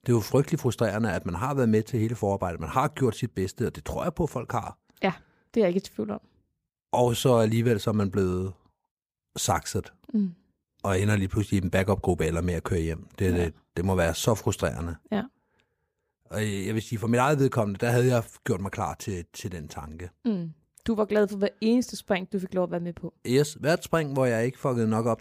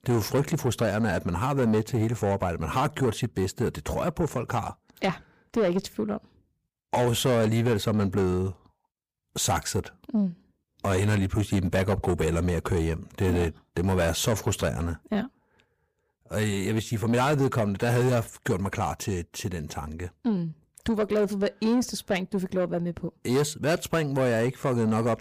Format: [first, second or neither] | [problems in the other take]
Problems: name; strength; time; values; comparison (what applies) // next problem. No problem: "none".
first | distortion; slight; 10 dB below the speech